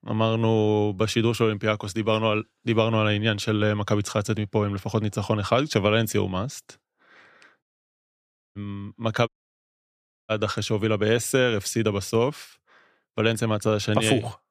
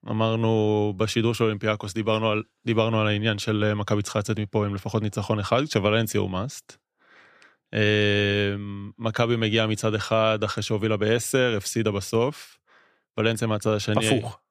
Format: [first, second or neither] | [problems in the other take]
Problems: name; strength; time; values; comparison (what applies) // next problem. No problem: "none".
second | audio cutting out; at 7.5 s for 1 s and at 9.5 s for 1 s